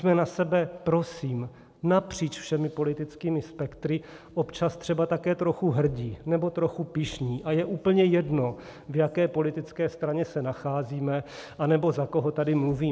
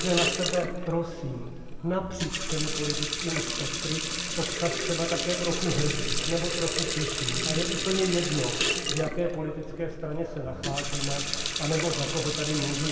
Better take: first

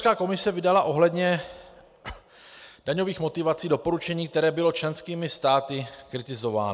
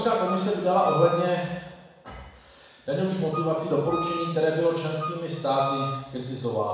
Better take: first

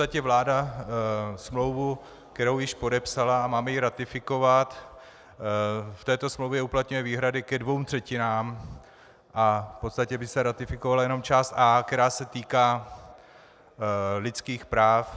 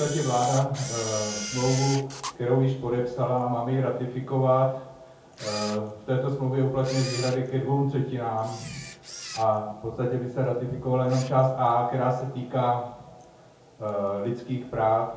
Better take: first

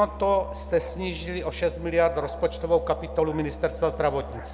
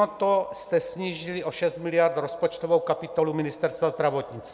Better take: second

